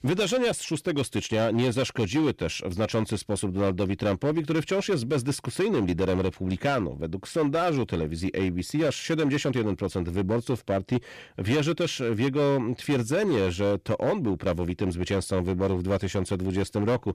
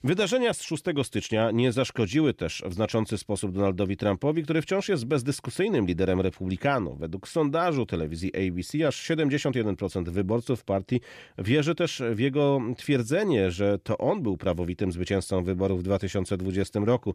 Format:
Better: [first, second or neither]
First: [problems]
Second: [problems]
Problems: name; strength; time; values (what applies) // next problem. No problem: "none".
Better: second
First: distortion; slight; 10% of the sound clipped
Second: none